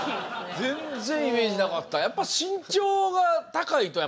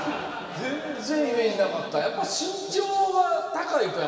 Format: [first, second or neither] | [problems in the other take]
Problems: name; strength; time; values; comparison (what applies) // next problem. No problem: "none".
first | room echo; dies away in 2.4 s